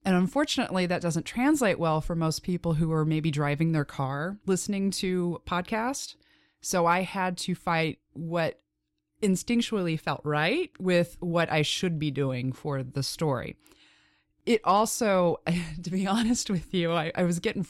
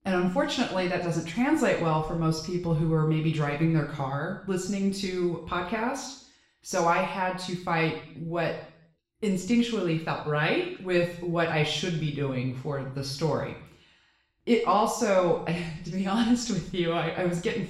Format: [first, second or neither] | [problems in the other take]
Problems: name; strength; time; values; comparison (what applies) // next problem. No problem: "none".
first | room echo; noticeable; dies away in 0.6 s // off-mic speech; far